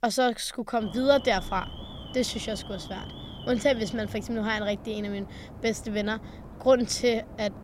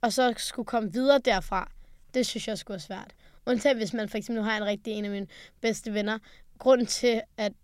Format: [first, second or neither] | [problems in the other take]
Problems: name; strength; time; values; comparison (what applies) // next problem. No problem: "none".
second | alarm; faint; from 1 s on; peak 10 dB below the speech